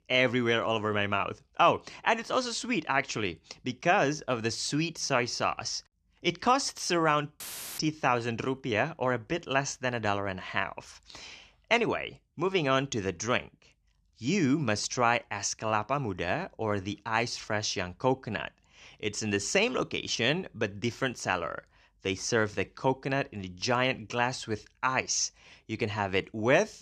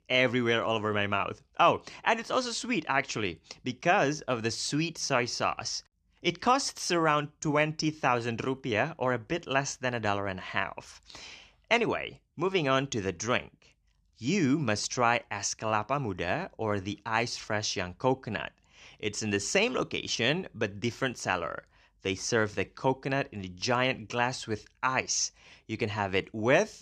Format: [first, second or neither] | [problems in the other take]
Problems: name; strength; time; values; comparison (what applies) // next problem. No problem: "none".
second | audio cutting out; filled with static; at 7.5 s